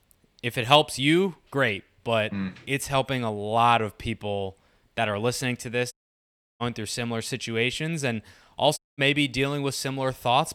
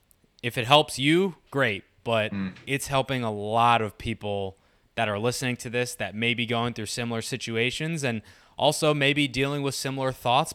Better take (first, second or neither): second